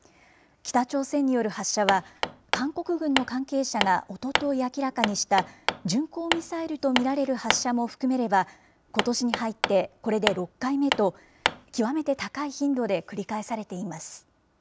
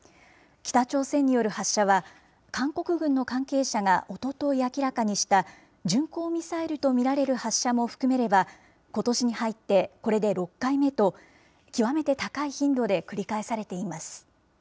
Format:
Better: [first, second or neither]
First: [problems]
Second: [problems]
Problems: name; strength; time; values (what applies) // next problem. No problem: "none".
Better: second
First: background sound (Hammer); 5 dB below the speech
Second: none